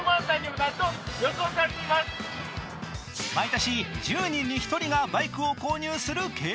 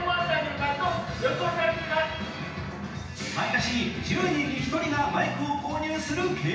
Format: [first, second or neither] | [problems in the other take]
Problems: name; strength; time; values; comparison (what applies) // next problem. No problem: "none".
first | room echo; dies away in 0.9 s